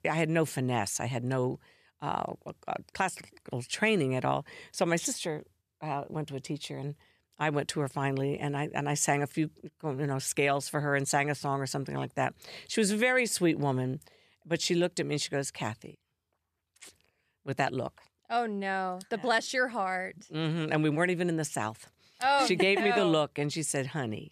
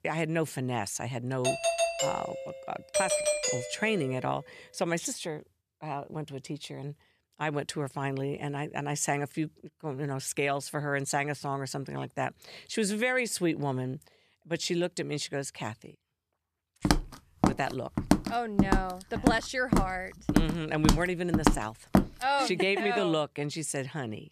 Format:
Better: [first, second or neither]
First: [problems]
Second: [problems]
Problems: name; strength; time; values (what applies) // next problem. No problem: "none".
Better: first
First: none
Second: doorbell; loud; from 1.5 to 4 s; peak 5 dB above the speech // footsteps; loud; from 17 to 22 s; peak 5 dB above the speech